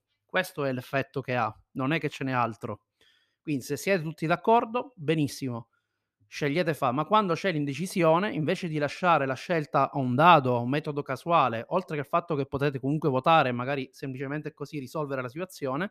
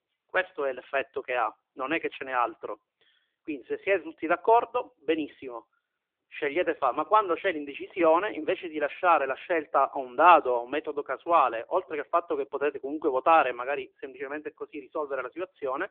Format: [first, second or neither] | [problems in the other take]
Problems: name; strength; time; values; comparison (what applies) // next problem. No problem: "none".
first | phone-call audio